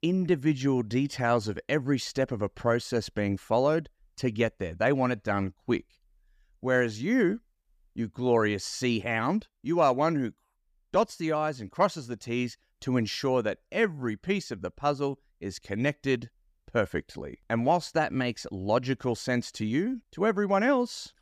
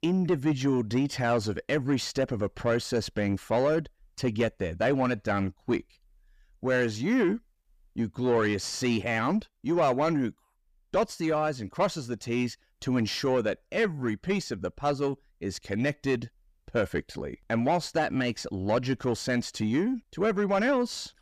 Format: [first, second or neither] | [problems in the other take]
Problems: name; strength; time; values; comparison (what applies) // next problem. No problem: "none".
first | distortion; slight; 10 dB below the speech